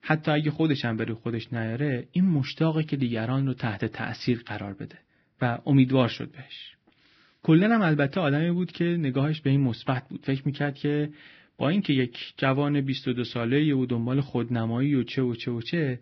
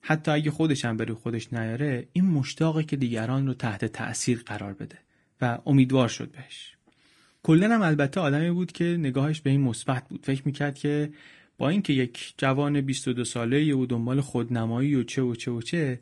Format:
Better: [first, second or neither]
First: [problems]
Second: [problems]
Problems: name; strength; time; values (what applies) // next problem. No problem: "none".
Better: second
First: garbled, watery; badly; nothing above 5.5 kHz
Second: garbled, watery; slightly